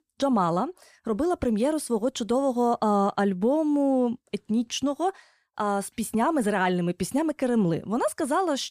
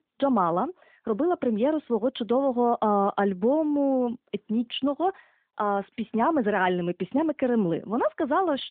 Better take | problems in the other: first | phone-call audio

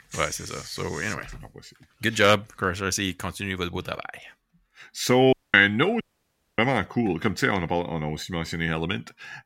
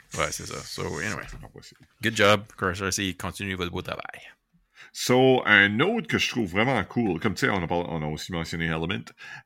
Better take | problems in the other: second | audio cutting out; at 5.5 s and at 6 s for 0.5 s

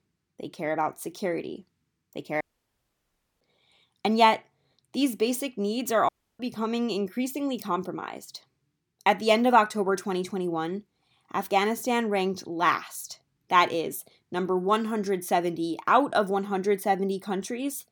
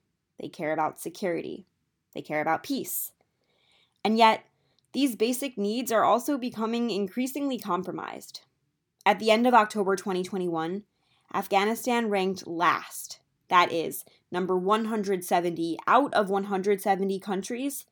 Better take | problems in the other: second | audio cutting out; at 2.5 s for 1 s and at 6 s

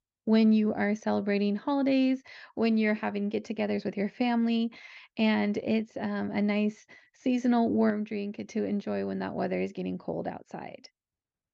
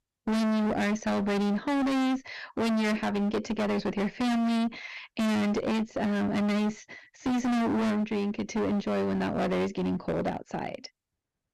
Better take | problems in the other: first | distortion; heavy; 34% of the sound clipped

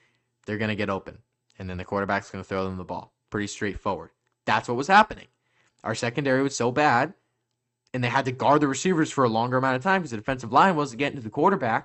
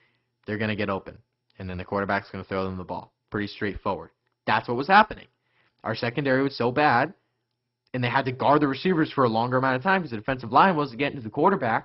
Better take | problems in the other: first | garbled, watery; badly; nothing above 5.5 kHz; slightly in the first

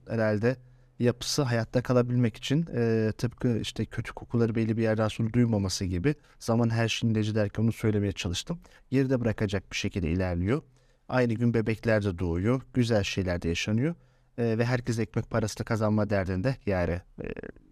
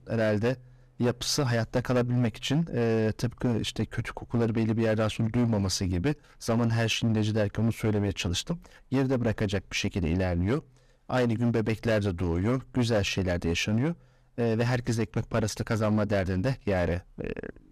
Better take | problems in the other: first | distortion; slight; 9% of the sound clipped

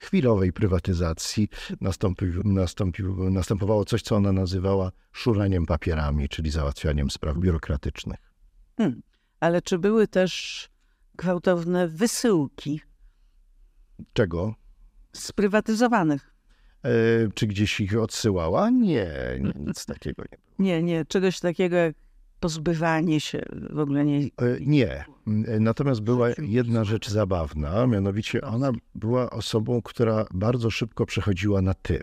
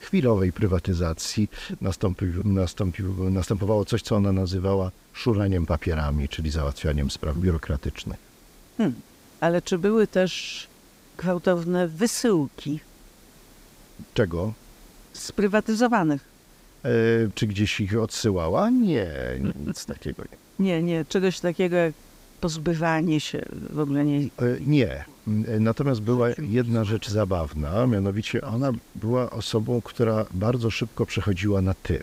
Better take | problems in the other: first | hiss; faint; throughout; 25 dB below the speech

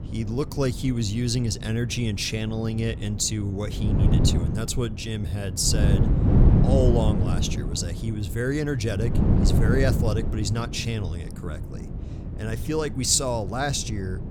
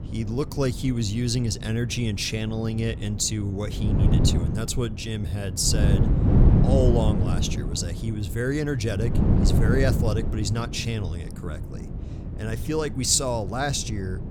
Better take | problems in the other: neither | wind noise on the microphone; heavy; 6 dB below the speech; the same in both

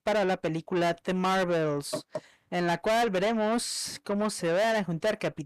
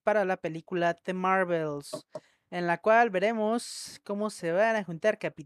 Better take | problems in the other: second | distortion; heavy; 6 dB below the speech

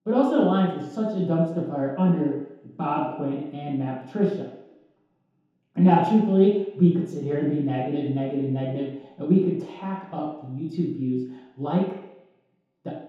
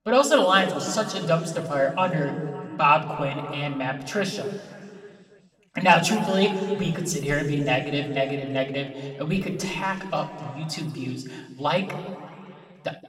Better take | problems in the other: second | room echo; strong; dies away in 0.8 s; slight in the second // off-mic speech; far; somewhat distant in the second

